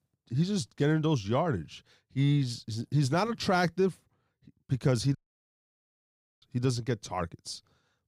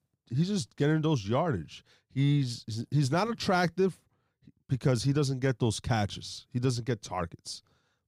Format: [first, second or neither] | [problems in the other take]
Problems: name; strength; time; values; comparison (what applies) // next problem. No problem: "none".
second | audio cutting out; at 5 s for 1.5 s